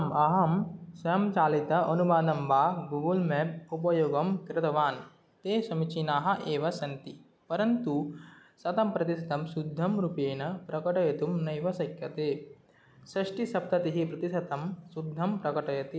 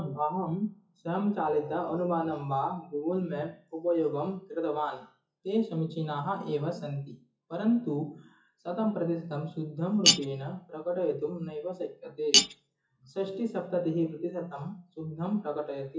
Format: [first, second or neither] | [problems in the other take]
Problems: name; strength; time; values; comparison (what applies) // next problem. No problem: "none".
first | noise reduction (classical method WPE with log-MMSE)